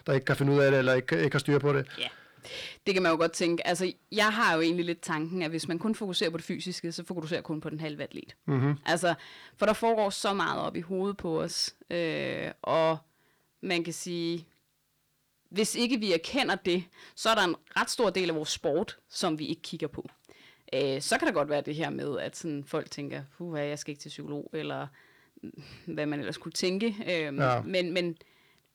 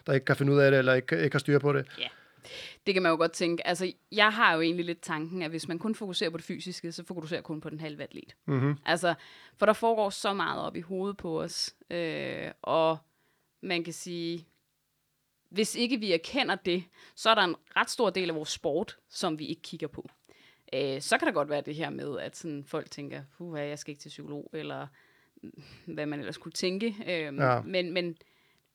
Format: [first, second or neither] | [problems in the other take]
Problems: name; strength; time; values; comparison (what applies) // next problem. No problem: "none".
second | distortion; slight; 10 dB below the speech